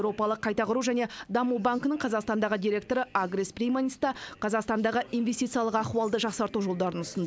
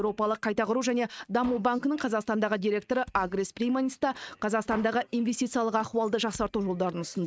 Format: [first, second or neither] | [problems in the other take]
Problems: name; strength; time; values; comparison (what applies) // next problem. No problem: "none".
first | noise reduction (neural mask model RNNoise)